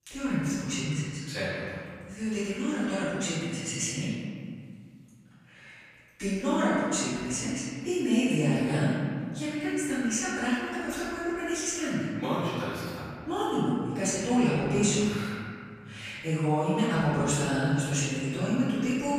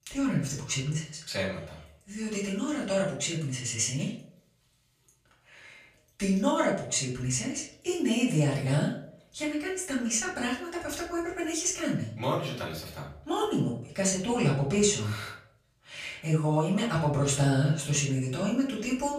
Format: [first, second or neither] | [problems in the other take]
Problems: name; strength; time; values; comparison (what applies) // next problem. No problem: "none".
second | room echo; strong; dies away in 2 s; slight in the second // off-mic speech; far; far in the second